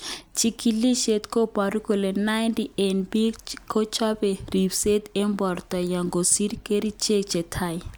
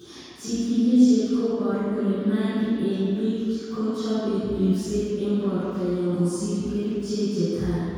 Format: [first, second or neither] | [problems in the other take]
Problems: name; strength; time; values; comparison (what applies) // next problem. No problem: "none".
first | room echo; dies away in 2 s